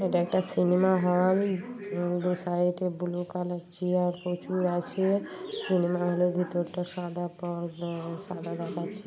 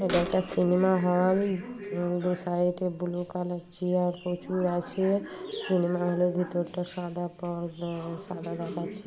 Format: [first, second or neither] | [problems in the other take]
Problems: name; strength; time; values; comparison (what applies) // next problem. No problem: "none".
first | background sound (Bird vocalization, bird call, bird song / Telephone); 18 dB below the speech